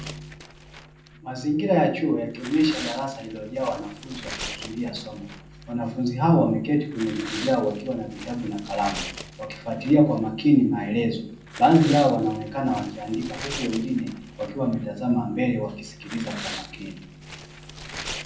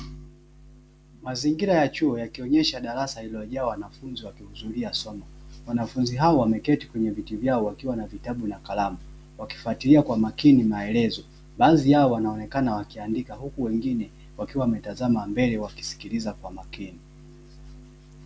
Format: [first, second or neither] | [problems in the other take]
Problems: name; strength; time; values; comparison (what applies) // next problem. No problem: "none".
second | background sound (Tearing); 15 dB below the speech // room echo; dies away in 0.6 s